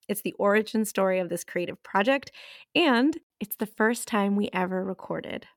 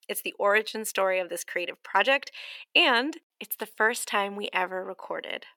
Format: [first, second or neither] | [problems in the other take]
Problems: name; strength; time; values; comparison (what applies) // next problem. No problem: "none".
first | thin; somewhat; fading below 500 Hz